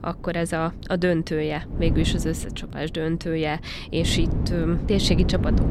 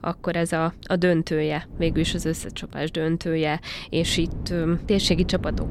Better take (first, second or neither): second